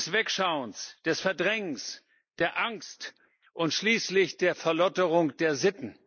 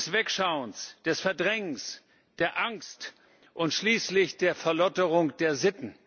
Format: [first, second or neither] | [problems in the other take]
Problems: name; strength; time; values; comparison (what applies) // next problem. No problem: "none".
second | noise reduction (neural mask model Resemble Enhance denoiser)